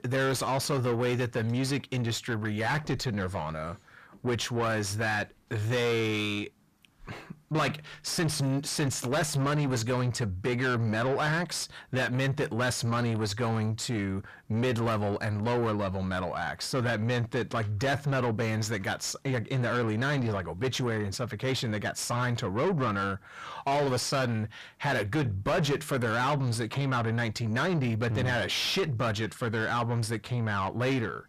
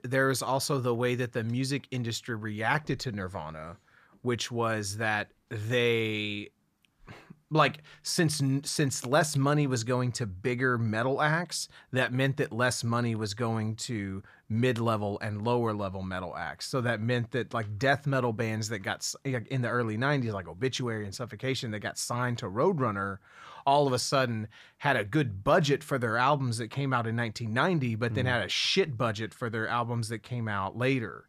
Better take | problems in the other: second | distortion; heavy; 7 dB below the speech

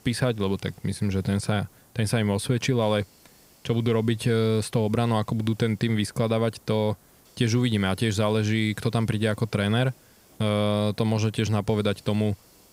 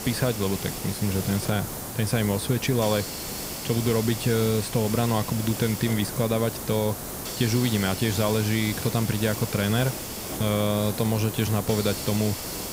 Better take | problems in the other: first | hiss; loud; throughout; 6 dB below the speech; faint in the first

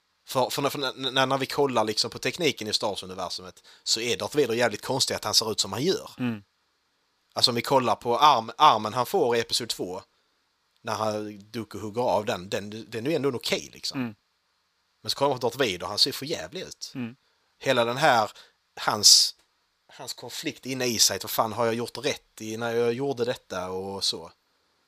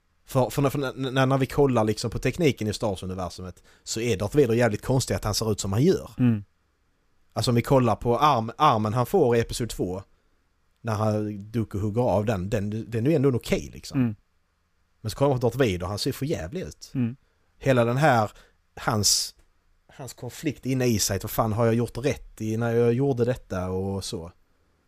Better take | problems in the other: second | thin; somewhat; fading below 600 Hz

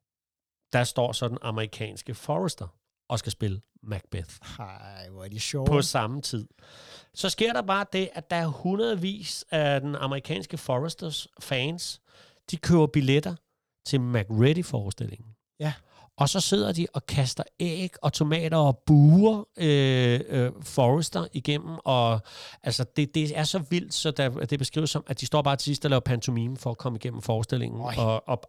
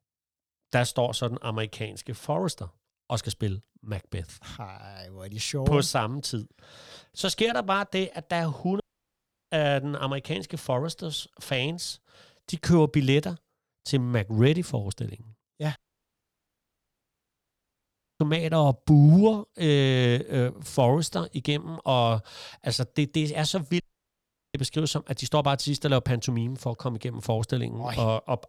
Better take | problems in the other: first | audio cutting out; at 9 s for 0.5 s, at 16 s for 2.5 s and at 24 s for 0.5 s

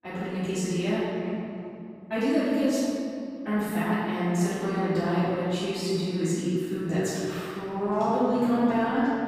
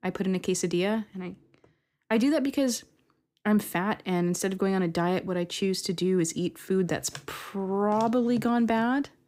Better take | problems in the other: second | off-mic speech; far // room echo; strong; dies away in 2.4 s

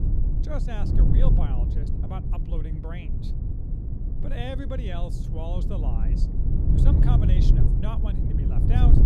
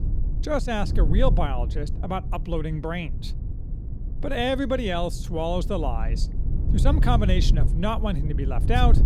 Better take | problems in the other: second | wind noise on the microphone; heavy; as loud as the speech; occasional gusts in the second

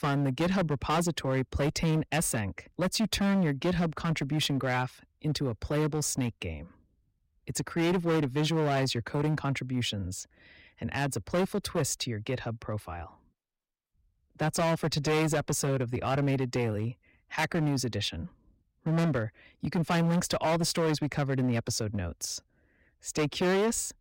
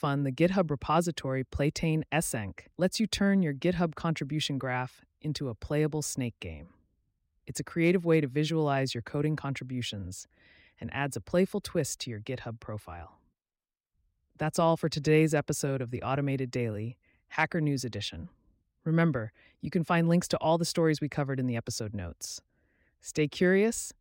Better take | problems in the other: second | distortion; heavy; 13% of the sound clipped

